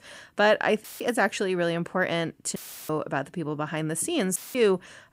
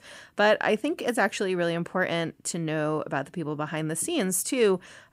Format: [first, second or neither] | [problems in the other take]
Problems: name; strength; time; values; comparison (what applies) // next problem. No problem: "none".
second | audio cutting out; filled with static; at 1 s, at 2.5 s and at 4.5 s